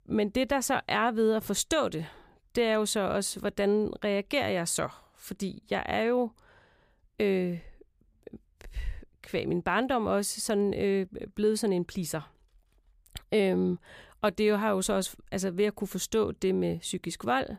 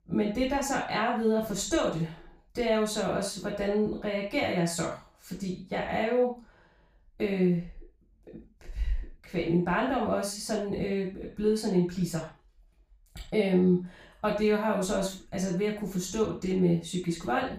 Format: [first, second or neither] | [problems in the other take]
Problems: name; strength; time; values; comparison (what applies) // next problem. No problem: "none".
first | room echo; noticeable; dies away in 0.3 s // off-mic speech; far